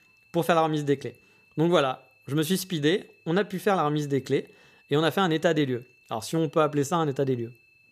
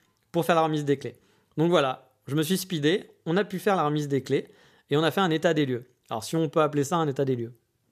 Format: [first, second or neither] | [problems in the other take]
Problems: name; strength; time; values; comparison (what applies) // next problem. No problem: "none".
second | high-pitched whine; faint; throughout; 2.5 kHz, 30 dB below the speech